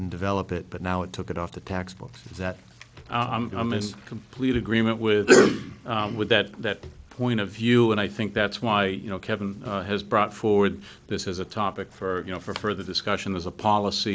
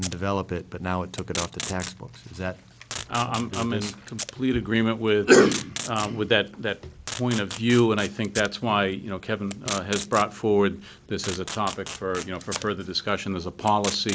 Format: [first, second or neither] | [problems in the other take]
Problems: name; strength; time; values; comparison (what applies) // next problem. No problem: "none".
first | background sound (Packing tape, duct tape); 13 dB below the speech